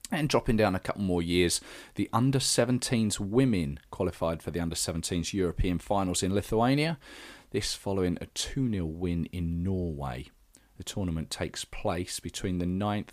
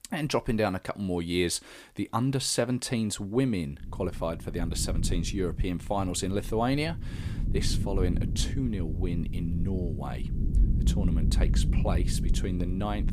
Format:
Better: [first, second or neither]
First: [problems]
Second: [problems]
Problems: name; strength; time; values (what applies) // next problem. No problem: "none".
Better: first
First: none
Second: low rumble; noticeable; from 4 s on; 10 dB below the speech